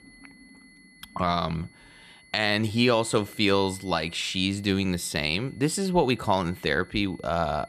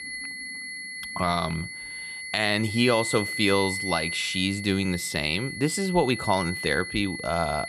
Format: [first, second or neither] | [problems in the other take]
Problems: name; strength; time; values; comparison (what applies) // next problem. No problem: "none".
first | high-pitched whine; loud; throughout; 2 kHz, 7 dB below the speech; faint in the first